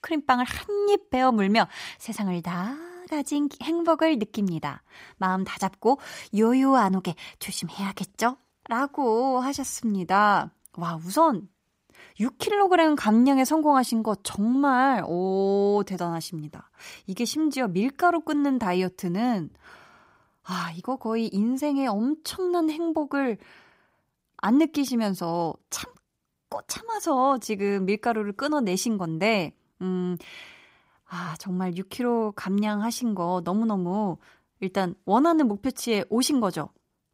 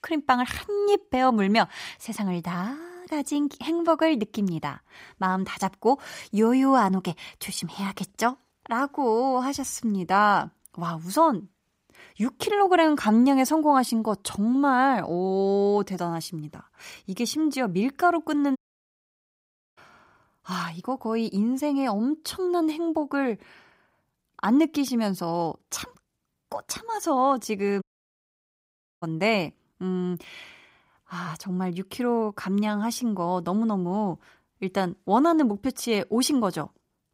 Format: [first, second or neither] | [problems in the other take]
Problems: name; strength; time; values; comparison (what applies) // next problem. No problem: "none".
first | audio cutting out; at 19 s for 1 s and at 28 s for 1 s